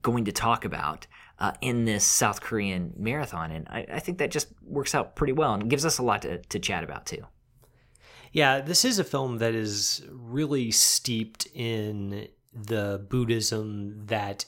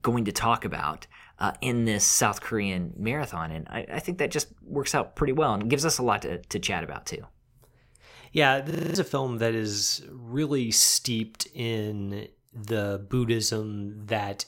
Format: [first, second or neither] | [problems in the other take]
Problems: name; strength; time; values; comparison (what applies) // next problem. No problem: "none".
first | audio freezing; at 8.5 s